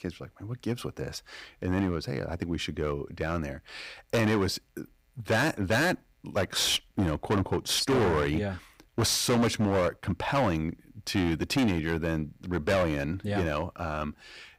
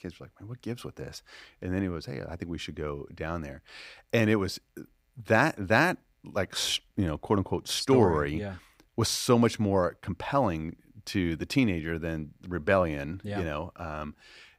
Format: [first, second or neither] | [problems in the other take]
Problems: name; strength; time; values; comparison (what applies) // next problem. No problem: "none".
second | distortion; heavy; 10% of the sound clipped